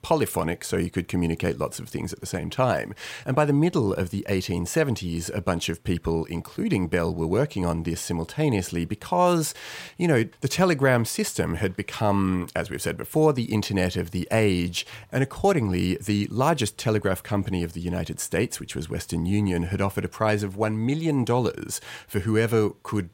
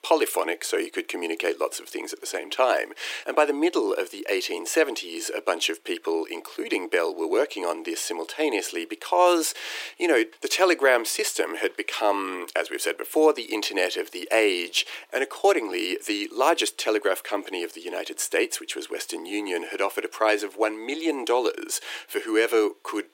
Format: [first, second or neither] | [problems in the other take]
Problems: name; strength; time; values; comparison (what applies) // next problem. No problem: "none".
first | thin; very; fading below 300 Hz